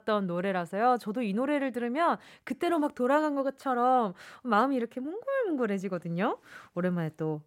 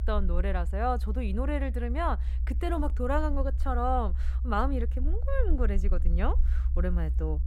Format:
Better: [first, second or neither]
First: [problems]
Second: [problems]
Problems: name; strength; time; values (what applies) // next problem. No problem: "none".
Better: first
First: none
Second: low rumble; noticeable; throughout; 20 dB below the speech